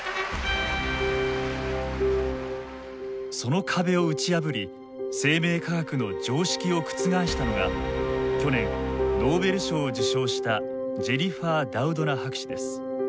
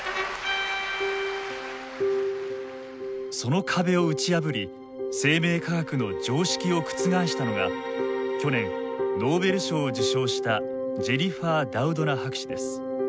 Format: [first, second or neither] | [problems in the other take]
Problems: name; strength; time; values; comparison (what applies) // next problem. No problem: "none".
second | background sound (Brass instrument); 8 dB below the speech